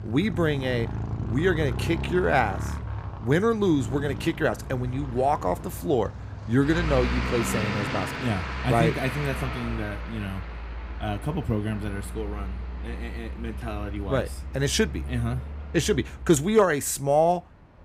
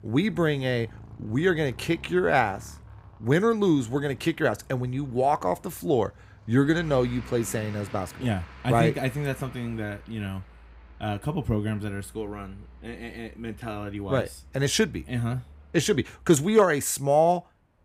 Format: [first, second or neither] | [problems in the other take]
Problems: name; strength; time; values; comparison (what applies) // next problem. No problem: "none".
second | traffic noise; loud; throughout; 7 dB below the speech; faint in the second